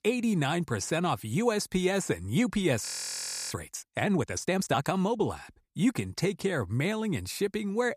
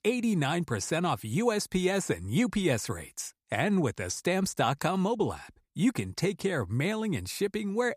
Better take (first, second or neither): second